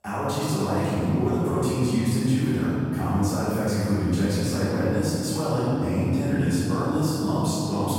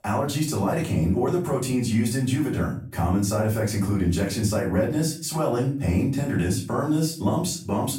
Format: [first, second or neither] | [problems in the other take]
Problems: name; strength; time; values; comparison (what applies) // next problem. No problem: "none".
second | room echo; strong; dies away in 2.7 s; slight in the second // off-mic speech; far; far in the second